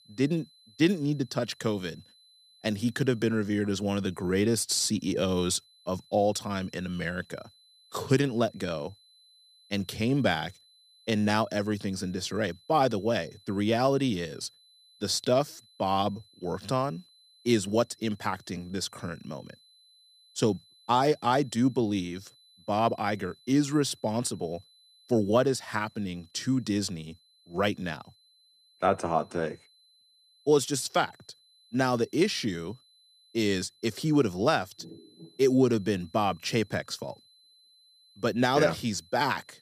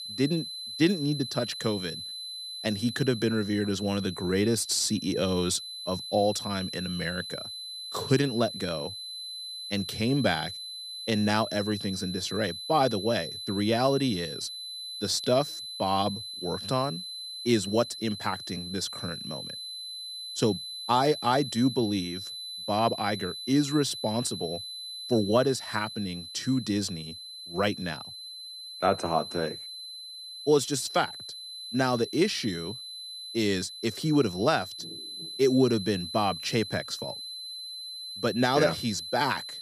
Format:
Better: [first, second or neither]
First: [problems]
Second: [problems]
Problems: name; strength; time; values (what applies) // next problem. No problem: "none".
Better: first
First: high-pitched whine; faint; throughout; 4 kHz, 30 dB below the speech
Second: high-pitched whine; loud; throughout; 4 kHz, 8 dB below the speech